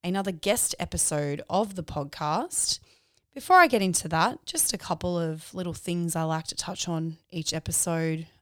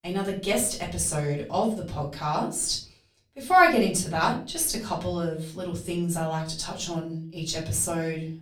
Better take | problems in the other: first | off-mic speech; far // room echo; slight; dies away in 0.4 s

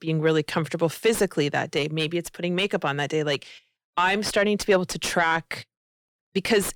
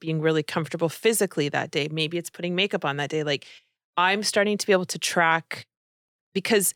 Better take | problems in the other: second | distortion; slight; 10 dB below the speech

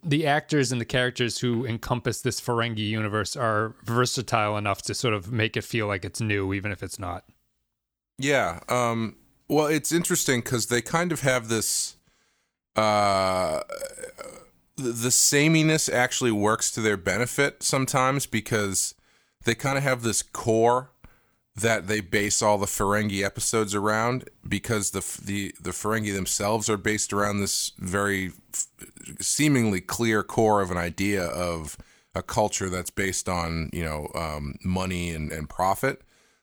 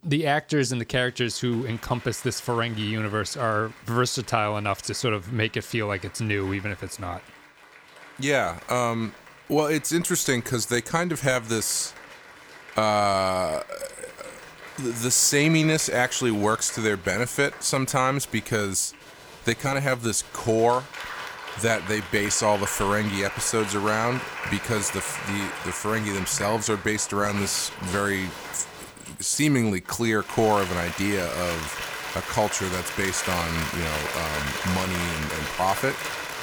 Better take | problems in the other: first | crowd noise; loud; throughout; 9 dB below the speech

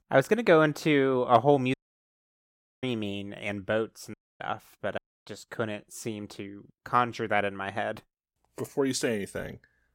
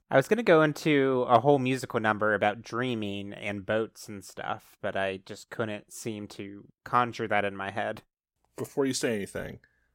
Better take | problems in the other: second | audio cutting out; at 1.5 s for 1 s, at 4 s and at 5 s

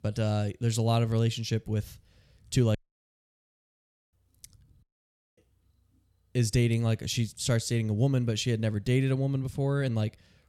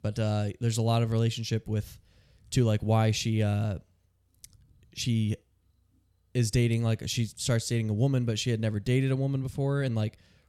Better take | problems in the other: second | audio cutting out; at 3 s for 1.5 s and at 5 s for 0.5 s

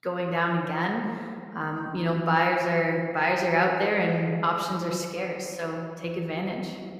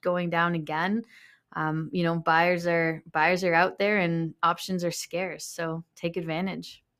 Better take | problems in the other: second | room echo; noticeable; dies away in 1.8 s

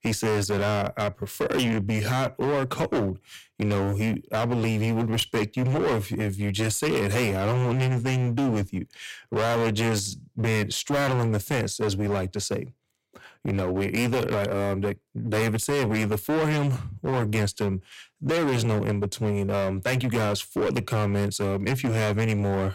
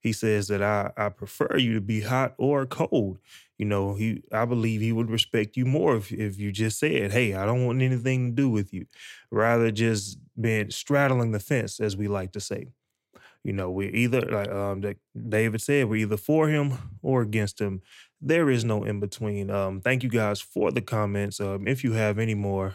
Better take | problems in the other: second | distortion; heavy; 23% of the sound clipped

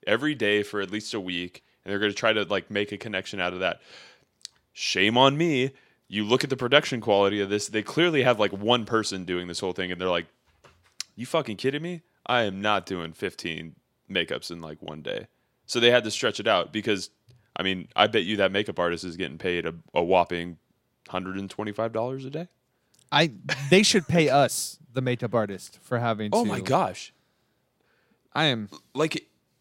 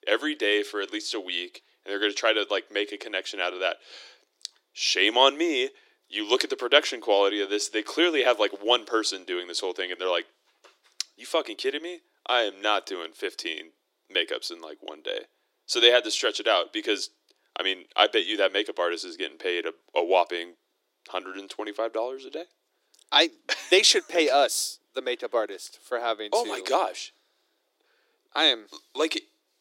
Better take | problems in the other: first | thin; very; fading below 300 Hz

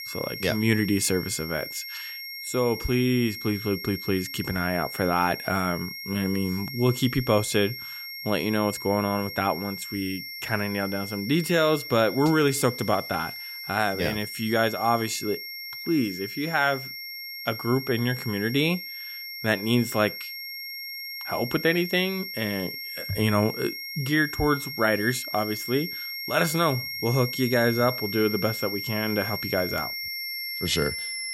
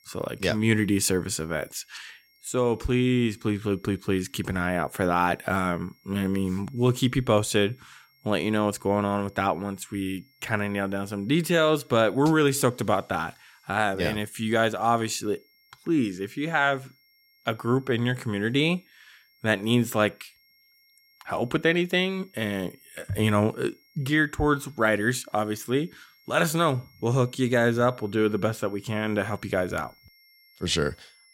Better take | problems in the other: second | high-pitched whine; loud; throughout; 2 kHz, 7 dB below the speech; faint in the second

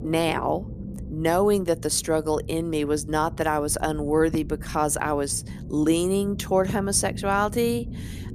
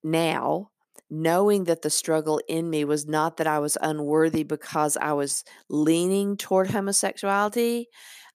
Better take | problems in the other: second | low rumble; faint; throughout; 20 dB below the speech

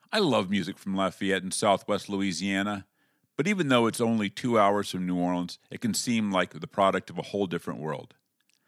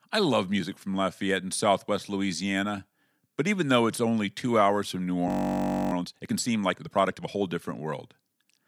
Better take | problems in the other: first | audio freezing; at 5.5 s for 0.5 s

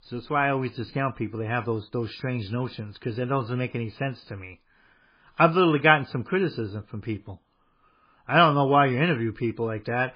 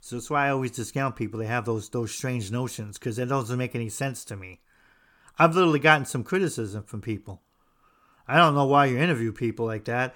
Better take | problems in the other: second | garbled, watery; badly

